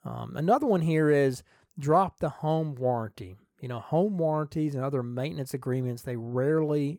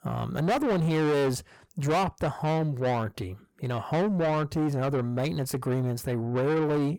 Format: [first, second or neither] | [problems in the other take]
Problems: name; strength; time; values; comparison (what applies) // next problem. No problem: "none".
first | distortion; heavy; 7 dB below the speech